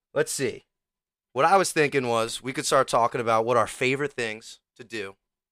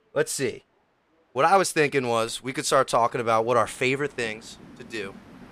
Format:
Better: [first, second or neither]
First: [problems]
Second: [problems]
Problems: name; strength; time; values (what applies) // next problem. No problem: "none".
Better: first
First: none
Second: train or aircraft noise; faint; throughout; 25 dB below the speech